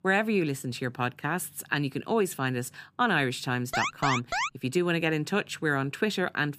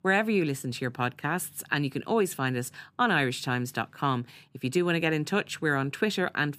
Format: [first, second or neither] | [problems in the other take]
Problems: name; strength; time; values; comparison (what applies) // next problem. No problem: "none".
second | alarm; loud; at 3.5 s; peak 1 dB above the speech